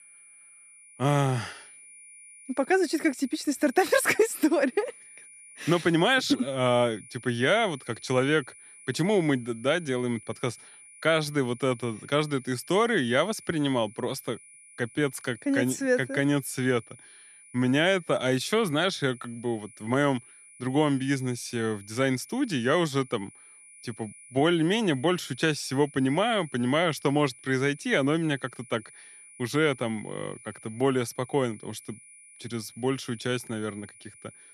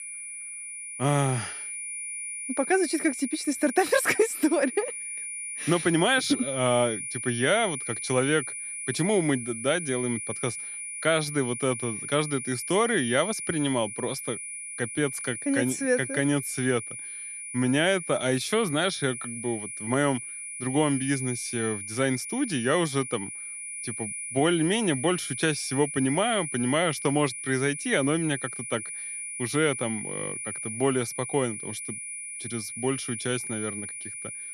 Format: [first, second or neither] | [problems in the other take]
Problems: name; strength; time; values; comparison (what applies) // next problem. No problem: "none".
first | high-pitched whine; loud; throughout; 9.5 kHz, 6 dB below the speech; faint in the first